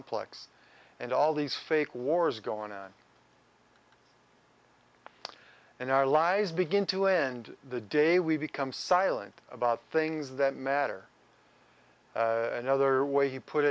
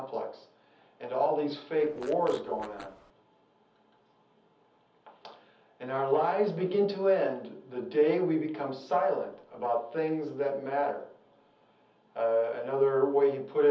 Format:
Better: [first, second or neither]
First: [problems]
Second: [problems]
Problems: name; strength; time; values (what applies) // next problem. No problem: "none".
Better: first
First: none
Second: background sound (Fart); 20 dB below the speech // room echo; dies away in 0.7 s